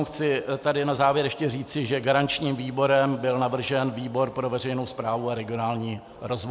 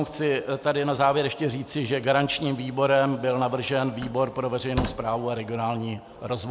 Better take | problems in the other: first | background sound (Slam); 11 dB below the speech

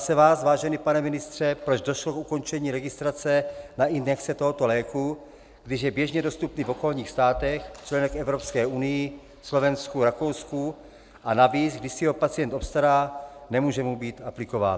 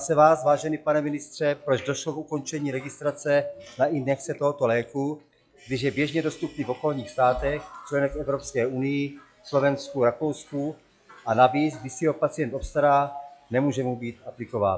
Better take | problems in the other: first | noise reduction (classical method log-MMSE)

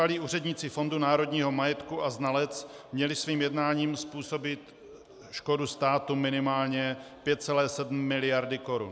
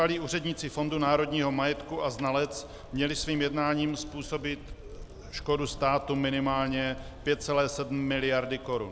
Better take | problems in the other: first | background sound (Bicycle); 16 dB below the speech

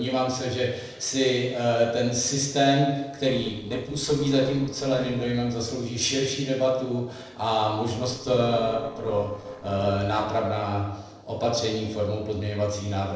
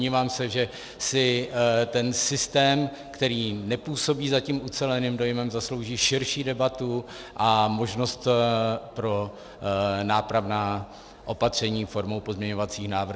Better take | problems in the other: second | noise reduction (neural separator model SepFormer DNS4)

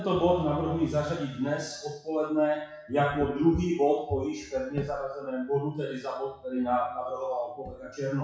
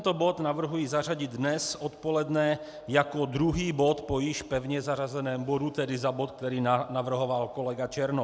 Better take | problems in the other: second | noise reduction (classical method WPE with log-MMSE)

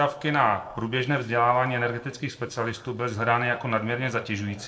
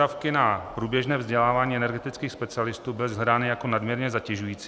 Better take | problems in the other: second | noise reduction (neural separator model SepFormer DNS4)

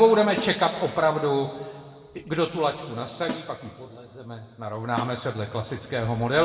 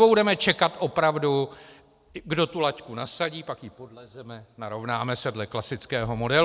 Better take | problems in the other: second | background sound (Snare drum); 15 dB below the speech // room echo; dies away in 1.7 s

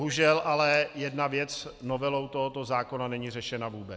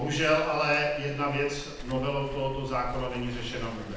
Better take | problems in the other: first | background sound (Waves, surf); 12 dB below the speech // room echo; dies away in 0.9 s

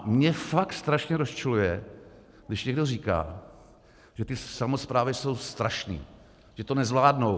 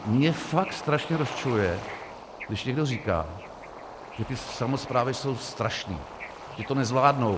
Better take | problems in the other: first | background sound (Bird / Ocean); 12 dB below the speech

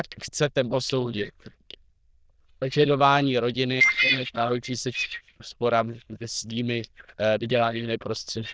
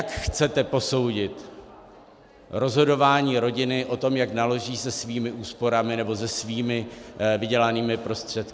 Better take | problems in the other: second | noise reduction (neural diffusion model UNIVERSE++)

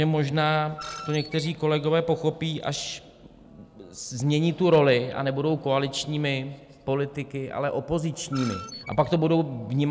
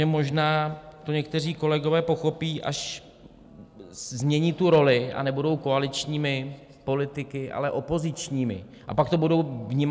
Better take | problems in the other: second | background sound (Screech); 15 dB below the speech

